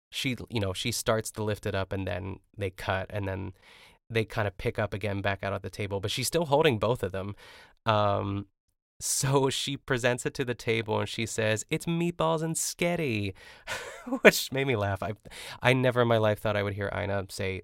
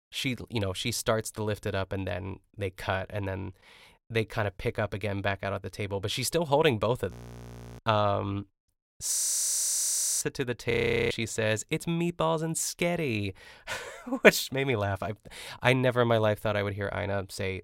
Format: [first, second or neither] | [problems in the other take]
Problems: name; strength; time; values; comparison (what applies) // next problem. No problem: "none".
first | audio freezing; at 7 s for 0.5 s, at 9 s for 1 s and at 11 s